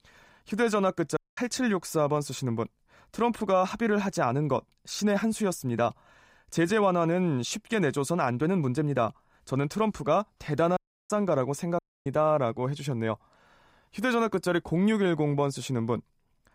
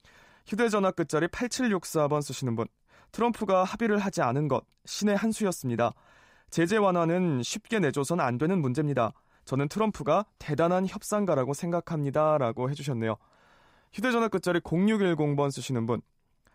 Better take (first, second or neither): second